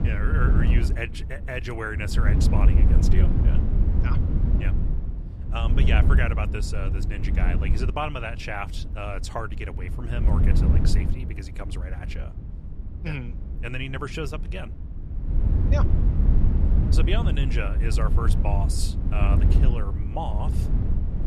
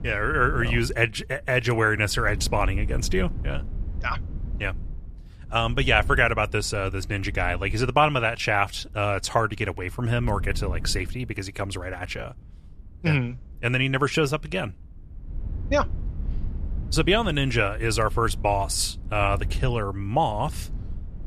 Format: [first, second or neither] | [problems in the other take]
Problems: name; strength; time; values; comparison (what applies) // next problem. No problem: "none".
second | wind noise on the microphone; heavy; 4 dB below the speech; occasional gusts in the second